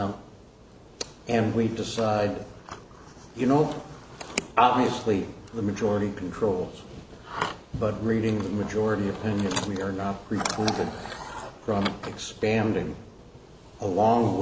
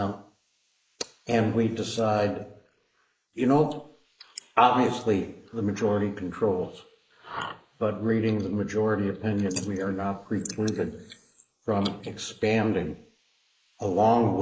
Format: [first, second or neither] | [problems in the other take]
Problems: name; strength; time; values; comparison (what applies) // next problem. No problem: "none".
first | noise reduction (neural mask model Resemble Enhance denoiser)